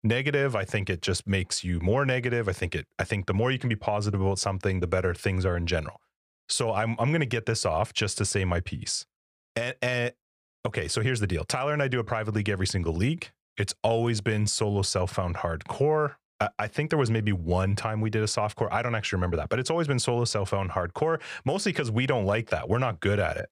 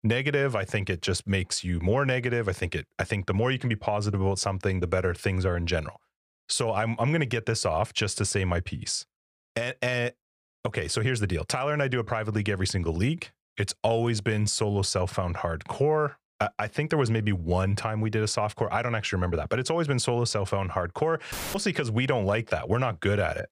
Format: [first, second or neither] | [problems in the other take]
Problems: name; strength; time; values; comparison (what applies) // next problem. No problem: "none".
first | audio cutting out; filled with static; at 21 s